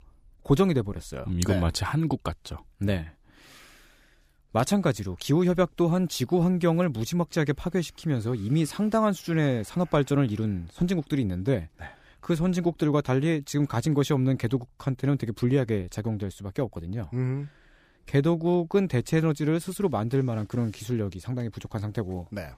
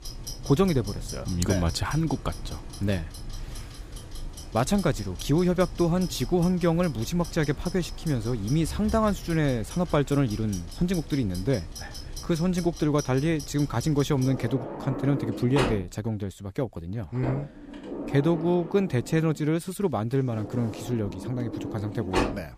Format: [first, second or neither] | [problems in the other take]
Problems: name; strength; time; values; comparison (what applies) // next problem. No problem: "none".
first | household noises; noticeable; throughout; 10 dB below the speech